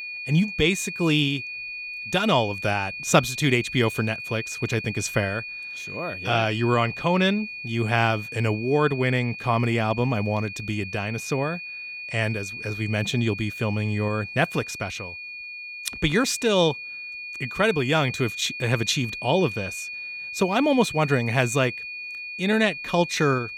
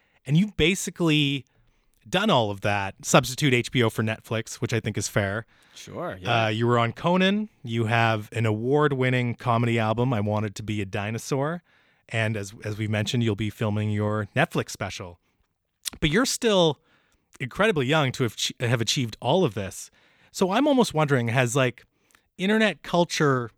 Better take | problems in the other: second | high-pitched whine; loud; throughout; 2.5 kHz, 9 dB below the speech

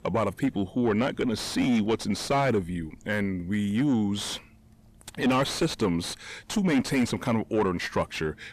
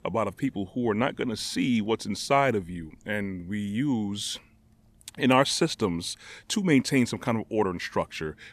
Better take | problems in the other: second | distortion; heavy; 7 dB below the speech

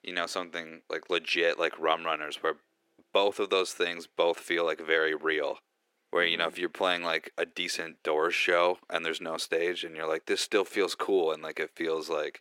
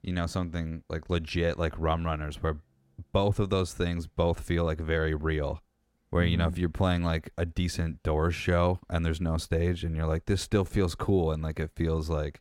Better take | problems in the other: second | thin; very; fading below 350 Hz

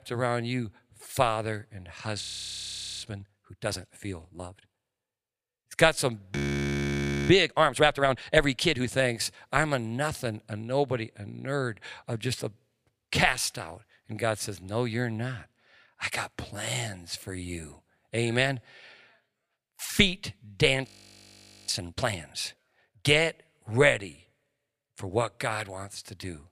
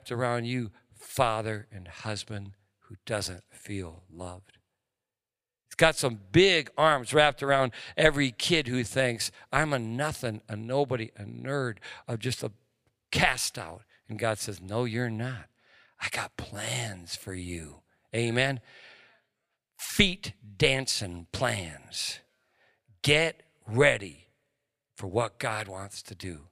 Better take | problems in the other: second | audio freezing; at 2 s for 1 s, at 6.5 s for 1 s and at 21 s for 1 s

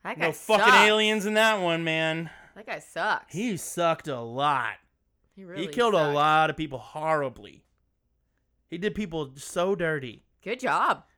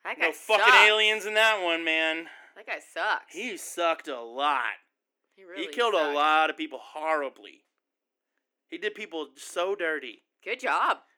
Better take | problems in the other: first | thin; somewhat; fading below 300 Hz

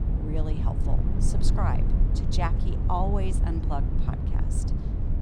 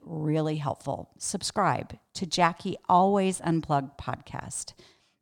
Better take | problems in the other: second | low rumble; loud; throughout; 6 dB below the speech

